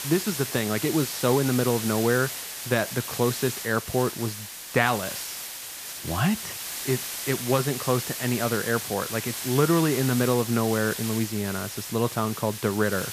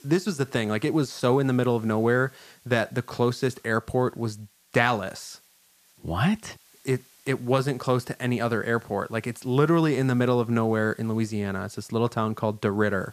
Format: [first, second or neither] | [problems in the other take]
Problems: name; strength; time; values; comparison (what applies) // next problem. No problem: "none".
second | hiss; loud; throughout; 6 dB below the speech; faint in the second